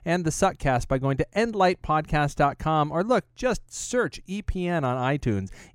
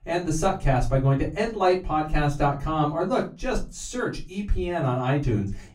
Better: first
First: none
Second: off-mic speech; far // room echo; very slight; dies away in 0.3 s

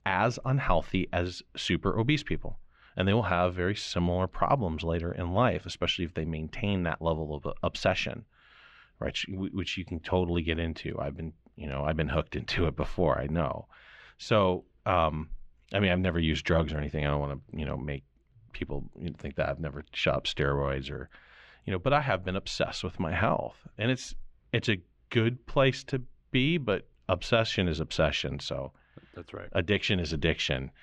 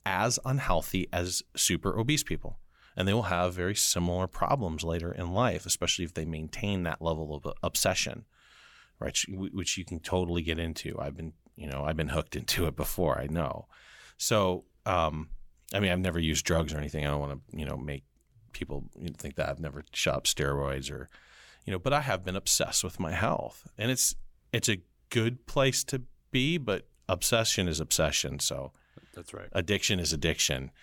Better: second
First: muffled; slightly; fading above 3.5 kHz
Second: none

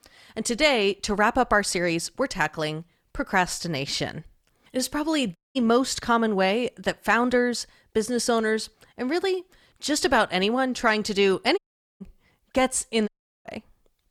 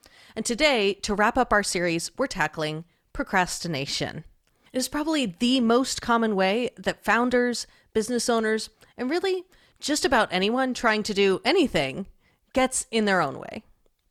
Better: second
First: audio cutting out; at 5.5 s, at 12 s and at 13 s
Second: none

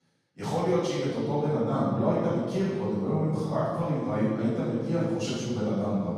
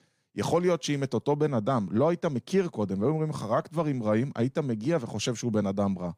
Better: second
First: off-mic speech; far // room echo; strong; dies away in 1.5 s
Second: none

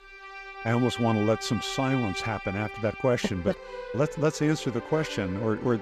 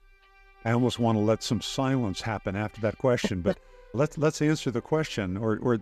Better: second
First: background music; loud; throughout; 9 dB below the speech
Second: background music; faint; throughout; 25 dB below the speech

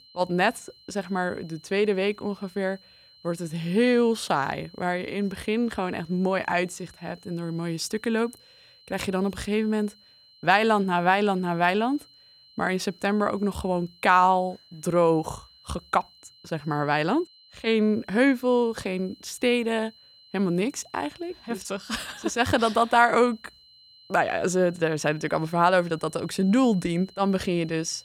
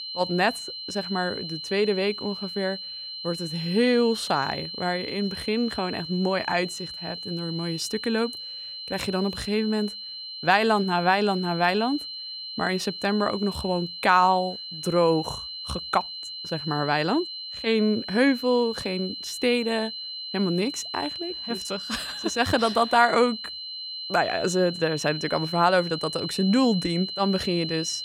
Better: first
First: high-pitched whine; faint; throughout; 4 kHz, 25 dB below the speech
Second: high-pitched whine; loud; throughout; 4 kHz, 8 dB below the speech

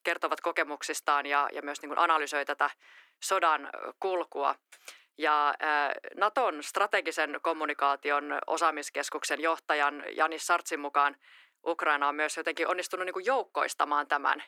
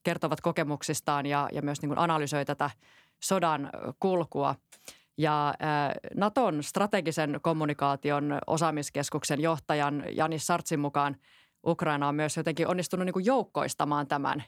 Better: second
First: thin; very; fading below 350 Hz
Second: none

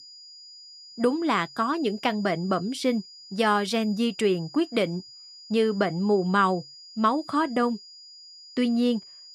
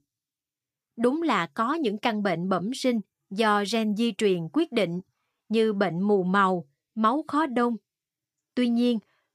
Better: second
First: high-pitched whine; noticeable; throughout; 5 kHz, 20 dB below the speech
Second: none

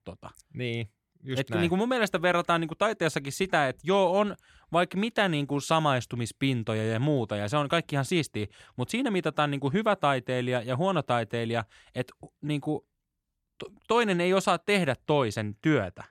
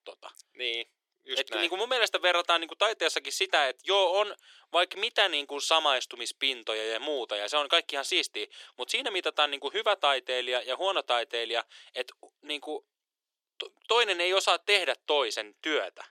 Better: first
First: none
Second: thin; very; fading below 400 Hz

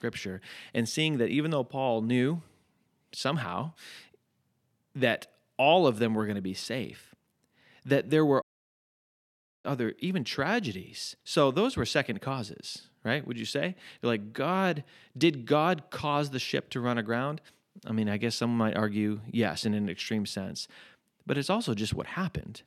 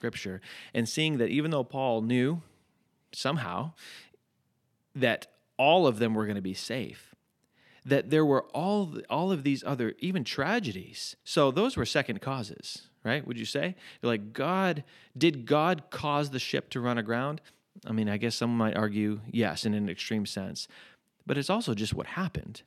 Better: second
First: audio cutting out; at 8.5 s for 1 s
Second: none

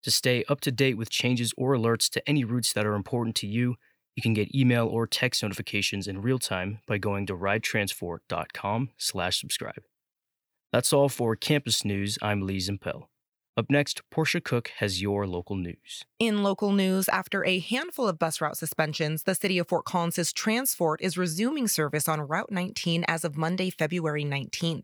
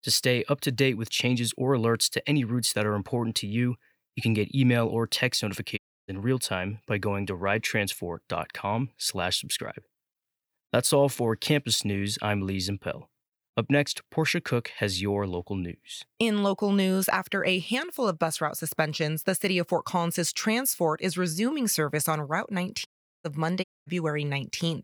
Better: first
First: none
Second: audio cutting out; at 6 s, at 23 s and at 24 s

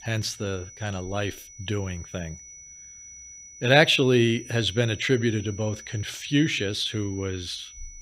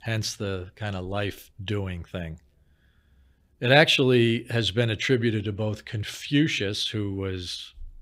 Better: second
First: high-pitched whine; noticeable; throughout; 6 kHz, 20 dB below the speech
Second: none

